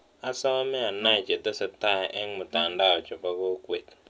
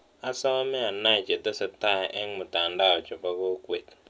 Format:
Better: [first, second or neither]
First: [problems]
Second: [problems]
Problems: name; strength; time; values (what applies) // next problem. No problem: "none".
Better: second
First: background sound (Wind instrument, woodwind instrument); 14 dB below the speech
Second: none